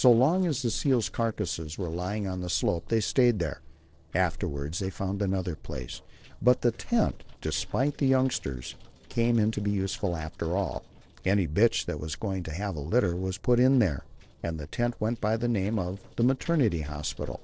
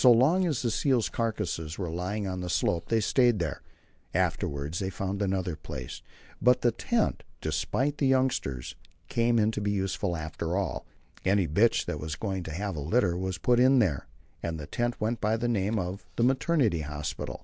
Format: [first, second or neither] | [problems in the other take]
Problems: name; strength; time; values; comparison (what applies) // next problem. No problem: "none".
second | noise reduction (neural separator model SepFormer DNS4)